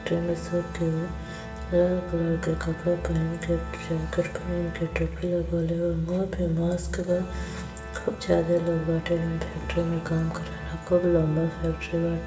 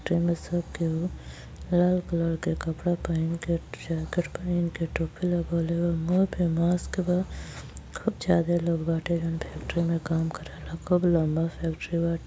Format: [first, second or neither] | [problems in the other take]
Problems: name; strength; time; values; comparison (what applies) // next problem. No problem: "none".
second | background sound (Organ); 16 dB below the speech // room echo; dies away in 2.1 s